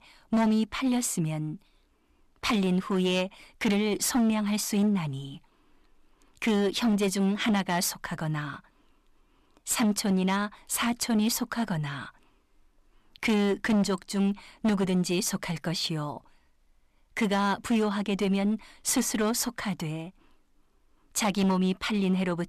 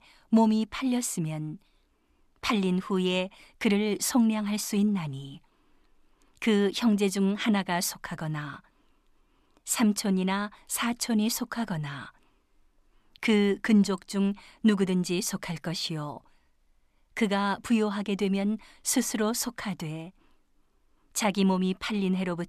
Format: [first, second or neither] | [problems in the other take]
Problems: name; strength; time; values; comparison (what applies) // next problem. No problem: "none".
second | distortion; slight; 9% of the sound clipped